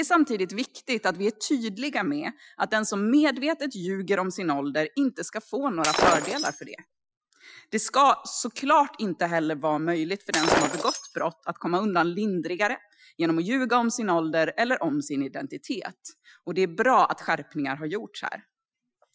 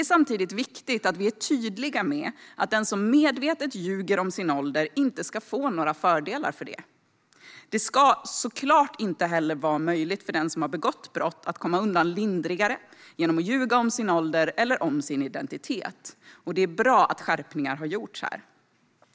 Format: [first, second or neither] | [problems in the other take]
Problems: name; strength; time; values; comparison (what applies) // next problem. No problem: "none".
second | noise reduction (classical method Wiener filter)